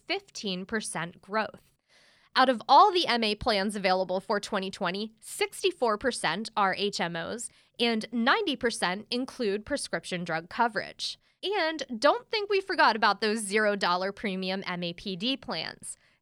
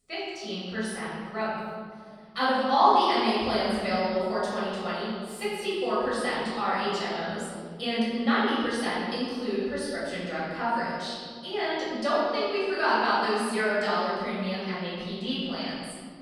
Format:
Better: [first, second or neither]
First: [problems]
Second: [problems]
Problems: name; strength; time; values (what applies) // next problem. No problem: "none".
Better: first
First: none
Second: room echo; strong; dies away in 2.2 s // off-mic speech; far